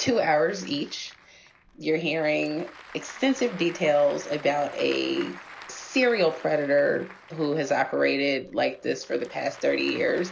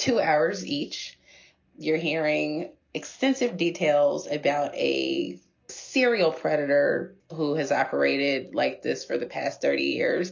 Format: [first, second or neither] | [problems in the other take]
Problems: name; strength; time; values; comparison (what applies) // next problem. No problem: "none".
second | background sound (Applause / Crowd); 20 dB below the speech